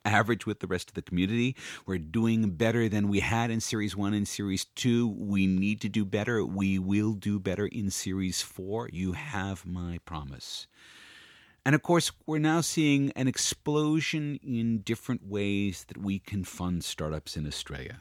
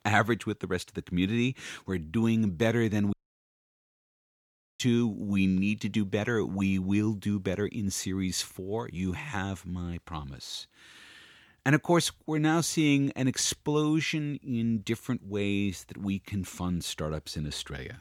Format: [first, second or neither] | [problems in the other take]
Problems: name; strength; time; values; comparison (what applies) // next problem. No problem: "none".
first | audio cutting out; at 3 s for 1.5 s